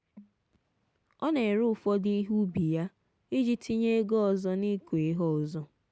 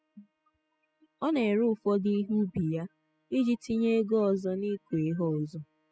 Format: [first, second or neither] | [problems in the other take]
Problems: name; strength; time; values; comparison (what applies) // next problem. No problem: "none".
first | noise reduction (classical method spectral subtraction)